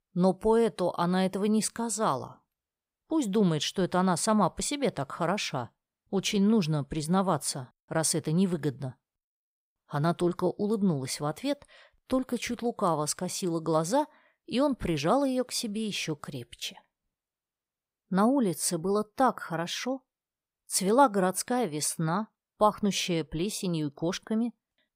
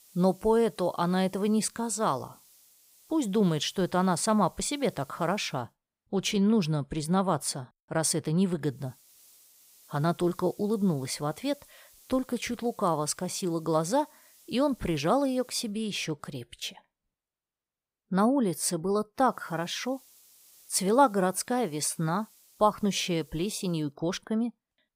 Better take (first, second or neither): first